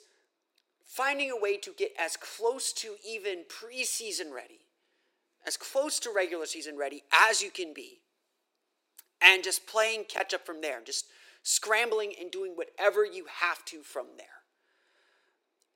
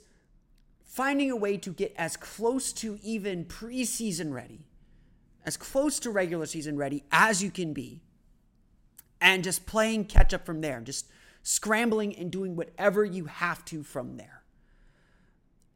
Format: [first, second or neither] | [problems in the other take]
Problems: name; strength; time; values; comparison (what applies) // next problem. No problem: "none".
second | thin; very; fading below 350 Hz